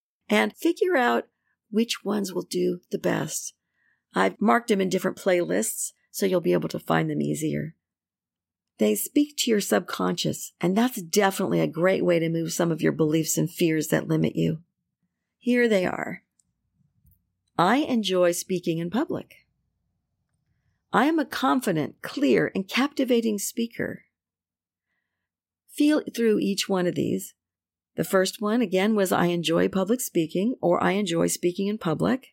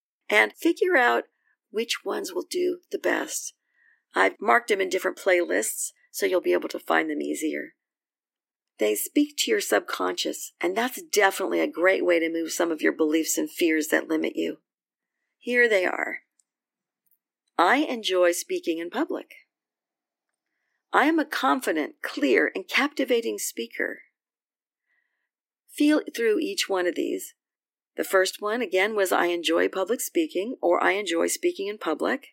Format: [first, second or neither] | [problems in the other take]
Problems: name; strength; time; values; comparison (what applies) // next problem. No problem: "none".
first | thin; somewhat; fading below 300 Hz